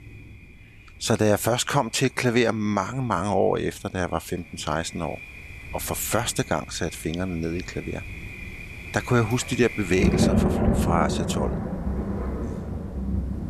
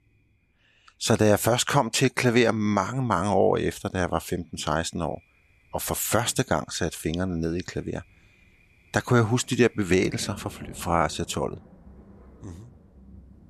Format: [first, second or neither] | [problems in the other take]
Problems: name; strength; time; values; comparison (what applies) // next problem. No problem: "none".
second | rain or running water; loud; throughout; 3 dB below the speech; faint in the second